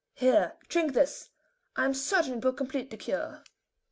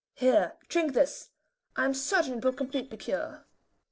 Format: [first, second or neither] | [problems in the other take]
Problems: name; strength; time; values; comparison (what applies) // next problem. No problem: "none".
first | noise reduction (neural separator model SepFormer DNS4)